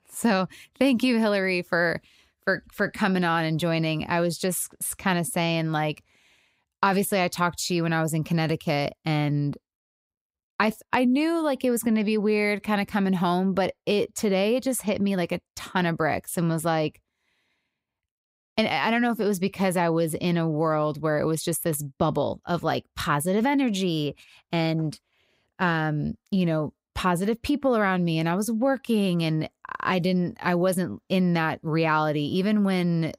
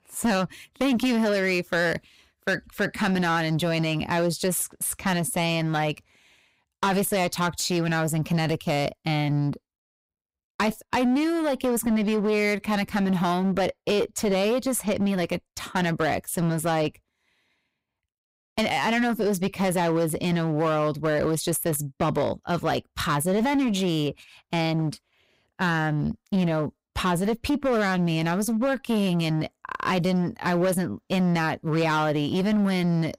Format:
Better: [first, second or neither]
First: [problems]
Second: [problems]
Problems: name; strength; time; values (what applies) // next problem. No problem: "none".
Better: first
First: none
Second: distortion; slight; 13% of the sound clipped